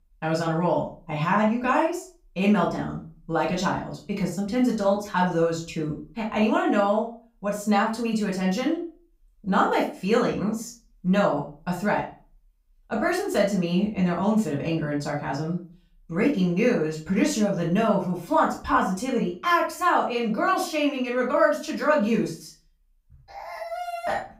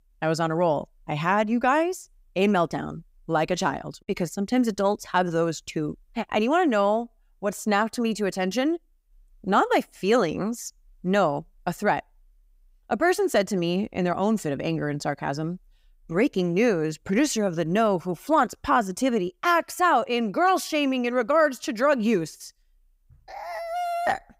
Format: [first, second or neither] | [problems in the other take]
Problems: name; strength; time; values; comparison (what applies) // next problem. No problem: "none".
second | off-mic speech; far // room echo; slight; dies away in 0.3 s